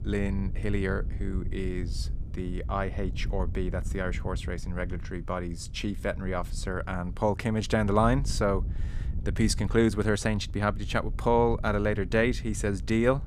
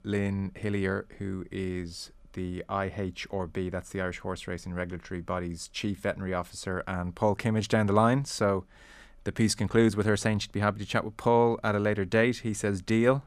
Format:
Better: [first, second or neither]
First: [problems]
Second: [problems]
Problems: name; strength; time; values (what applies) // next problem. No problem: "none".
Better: second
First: wind noise on the microphone; occasional gusts; 20 dB below the speech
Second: none